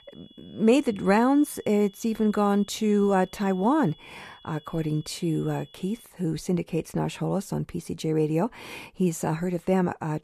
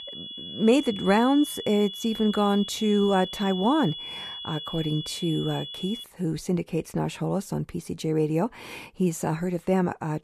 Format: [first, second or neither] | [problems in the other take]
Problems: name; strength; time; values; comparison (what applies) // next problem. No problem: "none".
first | high-pitched whine; loud; until 6 s; 3.5 kHz, 9 dB below the speech; faint in the first